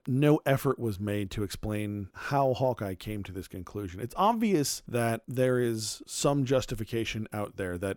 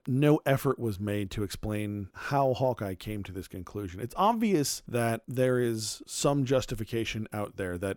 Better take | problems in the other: neither | none

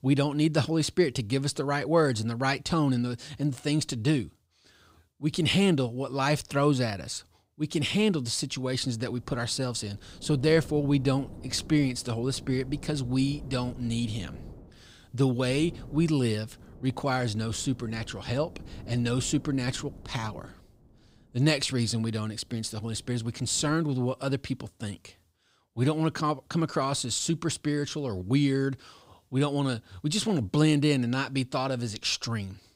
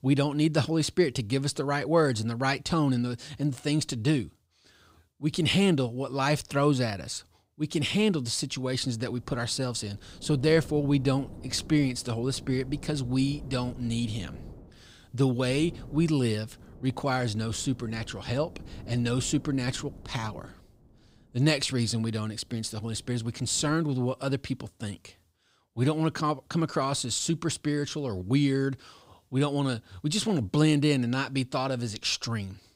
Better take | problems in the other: neither | wind noise on the microphone; occasional gusts; from 8.5 to 24 s; 25 dB below the speech; the same in both

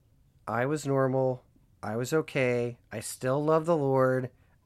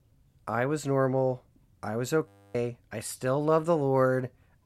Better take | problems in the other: first | audio freezing; at 2.5 s

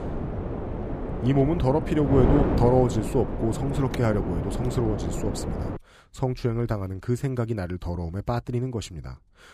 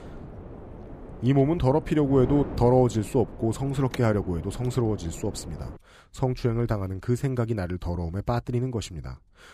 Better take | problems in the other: second | wind noise on the microphone; heavy; until 6 s; 4 dB below the speech; occasional gusts in the second

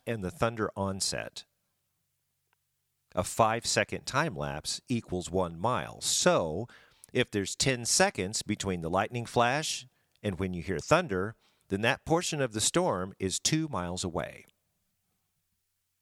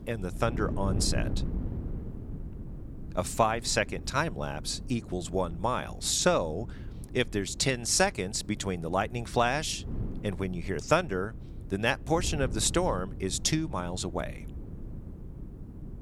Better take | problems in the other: first | wind noise on the microphone; occasional gusts; 20 dB below the speech

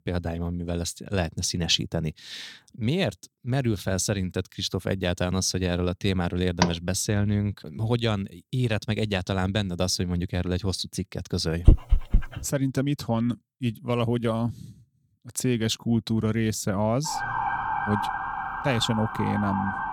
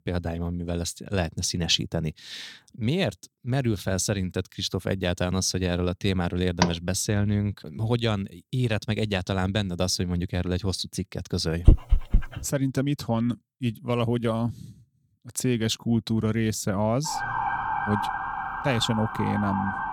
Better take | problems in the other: neither | door banging; noticeable; at 6.5 s; peak level with the speech; the same in both // dog barking; loud; at 12 s; peak 6 dB above the speech; the same in both // siren; loud; from 17 s on; peak level with the speech; the same in both

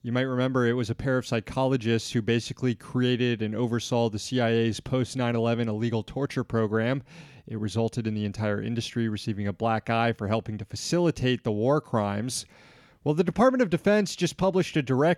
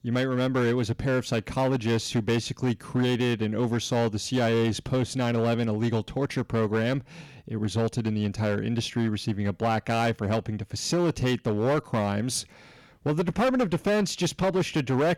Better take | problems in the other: first | distortion; slight; 11% of the sound clipped

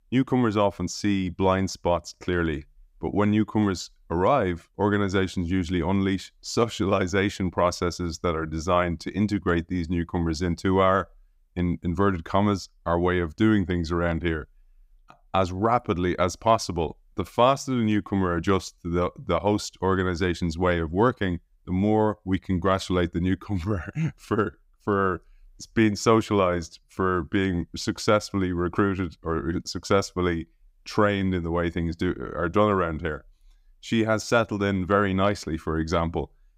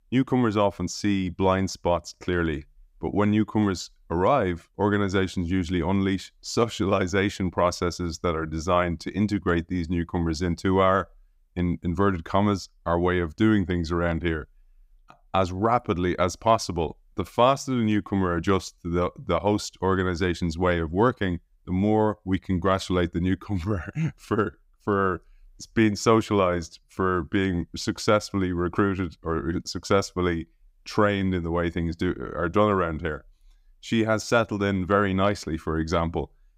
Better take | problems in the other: neither | none

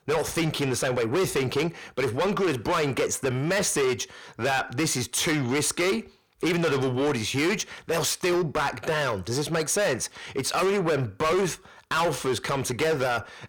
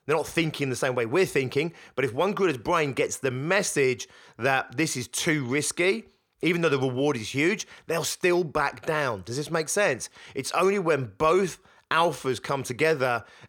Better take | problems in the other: second | distortion; heavy; 7 dB below the speech

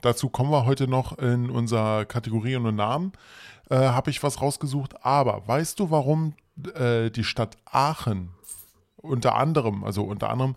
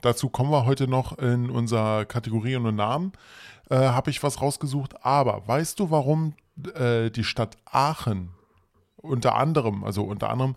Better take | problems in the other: second | jangling keys; faint; at 8.5 s; peak 15 dB below the speech

